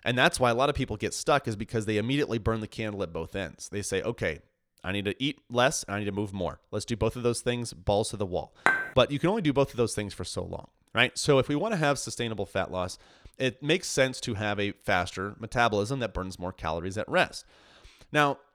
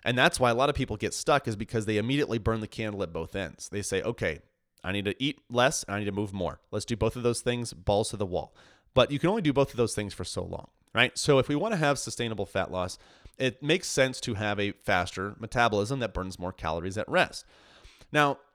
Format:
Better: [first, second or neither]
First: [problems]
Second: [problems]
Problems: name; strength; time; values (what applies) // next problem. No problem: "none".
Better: second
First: clattering dishes; loud; at 8.5 s; peak 3 dB above the speech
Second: none